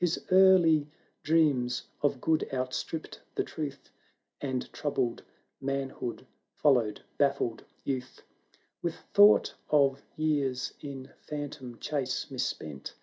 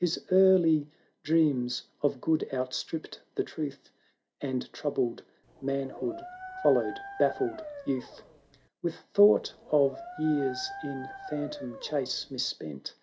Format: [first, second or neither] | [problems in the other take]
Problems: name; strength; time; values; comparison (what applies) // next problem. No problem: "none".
first | background sound (Dog); 13 dB below the speech